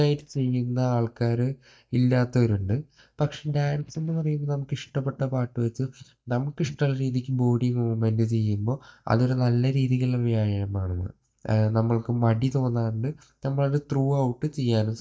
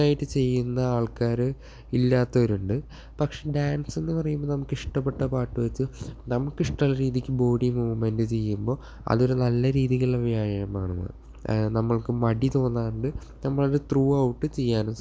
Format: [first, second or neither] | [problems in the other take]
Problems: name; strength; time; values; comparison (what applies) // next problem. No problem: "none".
second | noise reduction (neural mask model DeepFilterNet 3)